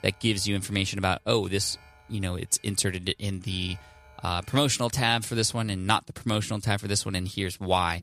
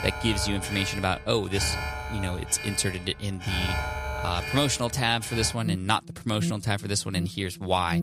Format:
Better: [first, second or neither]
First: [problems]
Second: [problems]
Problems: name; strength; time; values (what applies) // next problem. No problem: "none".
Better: first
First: alarms or sirens; faint; throughout; 25 dB below the speech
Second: alarms or sirens; loud; throughout; 6 dB below the speech